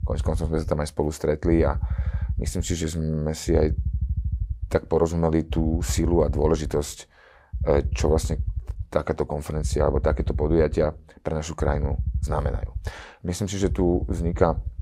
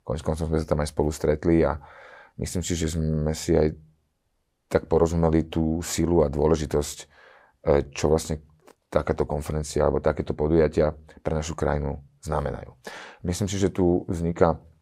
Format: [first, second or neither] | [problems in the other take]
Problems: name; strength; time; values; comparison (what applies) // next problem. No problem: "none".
second | low rumble; faint; throughout; 20 dB below the speech